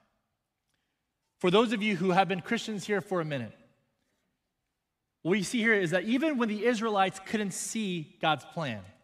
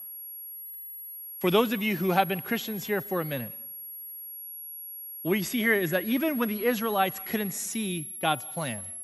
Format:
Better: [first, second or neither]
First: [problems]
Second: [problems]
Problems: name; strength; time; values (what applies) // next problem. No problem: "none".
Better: first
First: none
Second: high-pitched whine; loud; throughout; 11.5 kHz, 9 dB below the speech